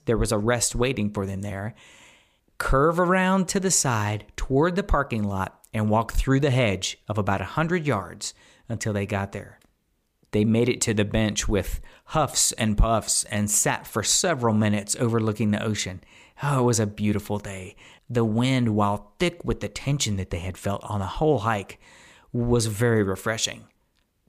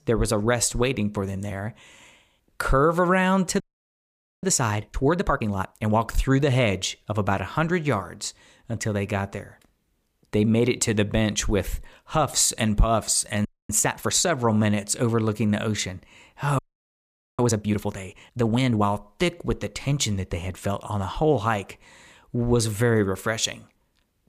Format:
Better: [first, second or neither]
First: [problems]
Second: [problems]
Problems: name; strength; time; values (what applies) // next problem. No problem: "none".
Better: first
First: none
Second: audio freezing; at 3.5 s for 1 s, at 13 s and at 17 s for 1 s